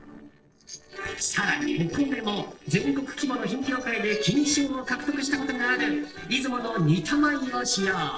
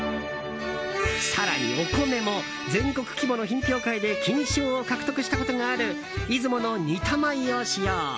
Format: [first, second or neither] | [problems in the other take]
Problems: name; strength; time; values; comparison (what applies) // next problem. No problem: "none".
second | noise reduction (neural separator model SepFormer DNS4)